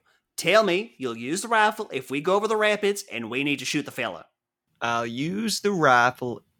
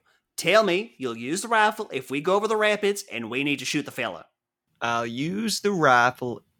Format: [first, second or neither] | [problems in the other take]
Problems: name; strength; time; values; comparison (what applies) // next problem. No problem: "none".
neither | none